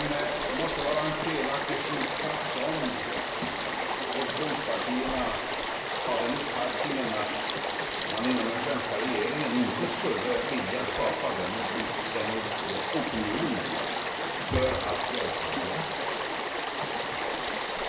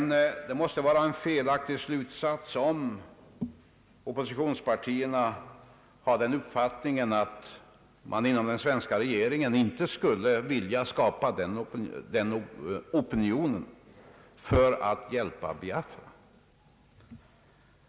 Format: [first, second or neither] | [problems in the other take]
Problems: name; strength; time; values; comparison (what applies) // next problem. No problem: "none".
second | background sound (Stream / Frog); 2 dB above the speech // room echo; dies away in 1.2 s